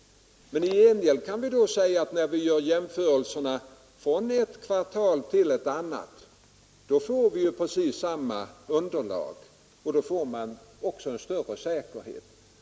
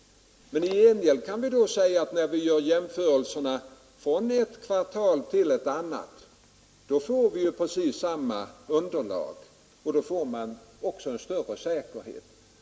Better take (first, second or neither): first